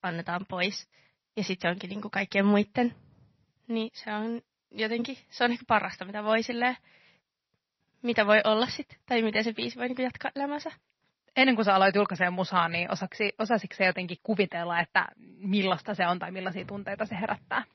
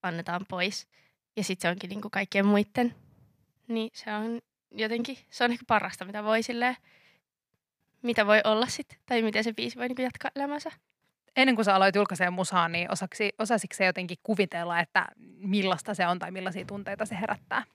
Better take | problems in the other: second | garbled, watery; slightly; nothing above 6 kHz

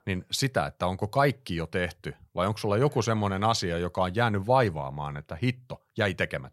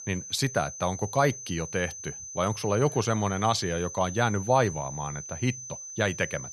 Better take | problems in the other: first | high-pitched whine; loud; throughout; 6 kHz, 10 dB below the speech

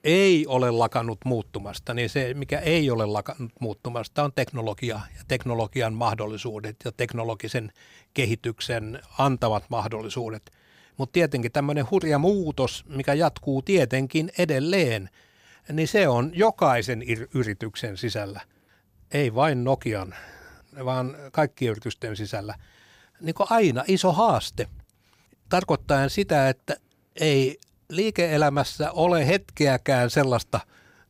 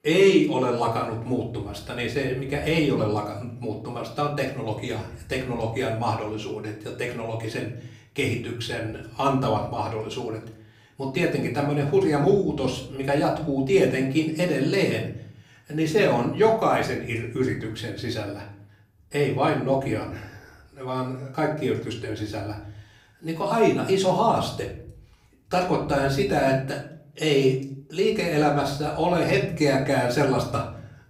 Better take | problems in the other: first | off-mic speech; far // room echo; slight; dies away in 0.5 s

